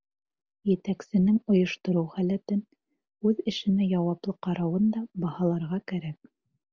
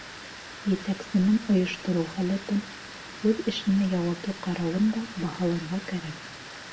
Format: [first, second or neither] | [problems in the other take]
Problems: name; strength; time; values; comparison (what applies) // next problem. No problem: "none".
first | background sound (Water); 14 dB below the speech // room echo; dies away in 0.4 s